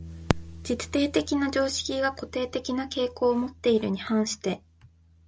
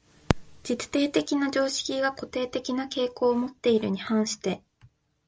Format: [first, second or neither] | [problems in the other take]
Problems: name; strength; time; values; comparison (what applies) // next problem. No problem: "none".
second | background sound (Bass guitar); 19 dB below the speech